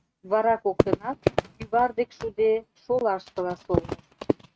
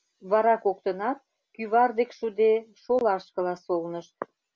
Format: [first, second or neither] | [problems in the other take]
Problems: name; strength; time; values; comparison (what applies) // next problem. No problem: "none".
second | noise reduction (neural mask model RNNoise)